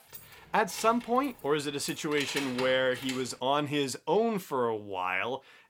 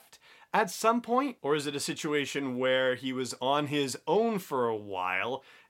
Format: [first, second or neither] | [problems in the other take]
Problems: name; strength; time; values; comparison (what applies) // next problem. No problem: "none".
second | jangling keys; noticeable; until 3 s; peak 5 dB below the speech